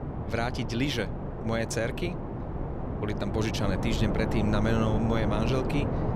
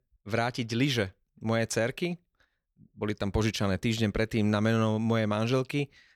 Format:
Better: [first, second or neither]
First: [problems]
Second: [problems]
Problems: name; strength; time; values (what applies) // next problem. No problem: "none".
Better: second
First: wind noise on the microphone; heavy; 4 dB below the speech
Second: none